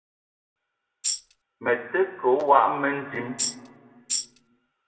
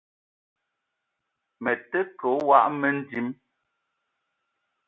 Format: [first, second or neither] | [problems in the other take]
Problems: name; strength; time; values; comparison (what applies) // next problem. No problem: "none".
second | background sound (Tambourine); 2 dB below the speech // room echo; dies away in 1.9 s